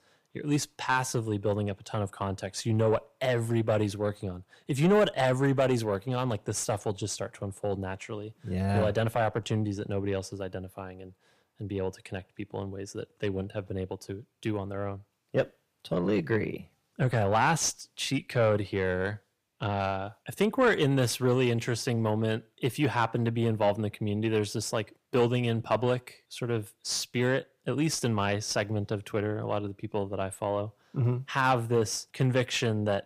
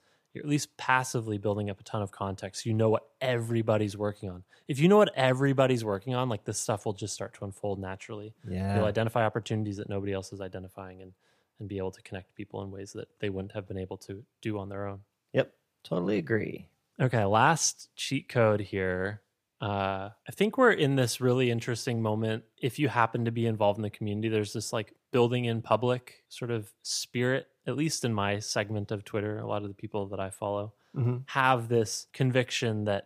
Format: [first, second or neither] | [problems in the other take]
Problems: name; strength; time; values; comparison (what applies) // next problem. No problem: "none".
second | distortion; slight; 10 dB below the speech